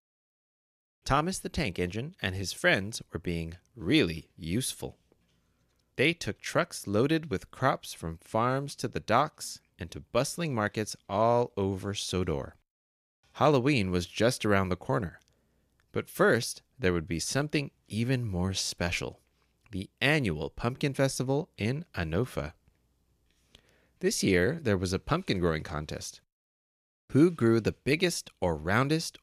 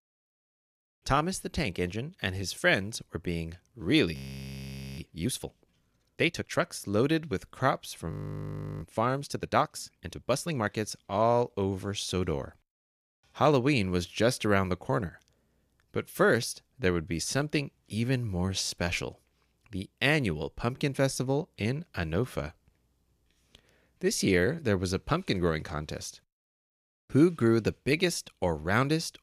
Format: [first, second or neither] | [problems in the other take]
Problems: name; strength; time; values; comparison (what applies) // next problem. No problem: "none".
first | audio freezing; at 4 s for 1 s and at 8 s for 0.5 s